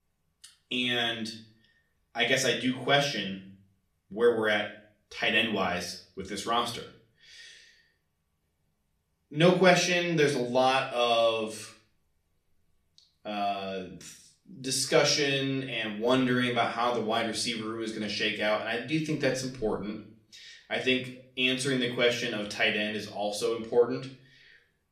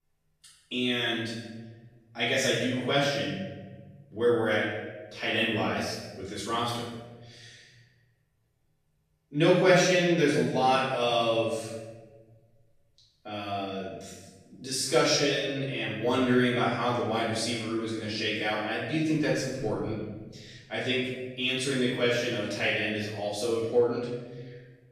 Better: first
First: room echo; slight; dies away in 0.4 s // off-mic speech; far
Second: room echo; strong; dies away in 1.2 s // off-mic speech; far

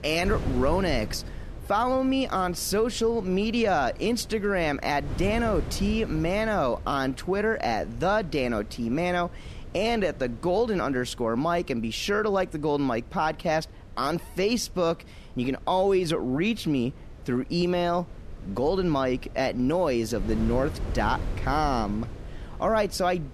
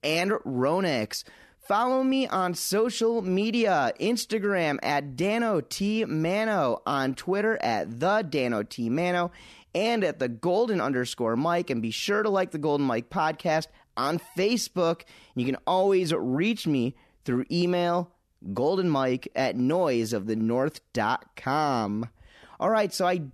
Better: second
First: wind noise on the microphone; occasional gusts; 20 dB below the speech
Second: none

